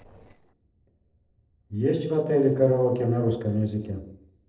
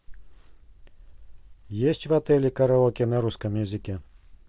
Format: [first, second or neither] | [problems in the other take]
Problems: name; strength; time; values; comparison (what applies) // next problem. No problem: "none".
second | noise reduction (neural separator model SepFormer DNS4)